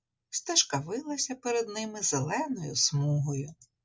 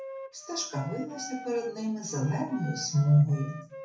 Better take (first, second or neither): first